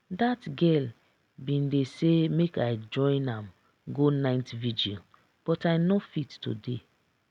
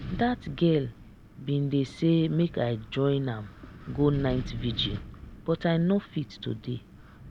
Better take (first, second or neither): first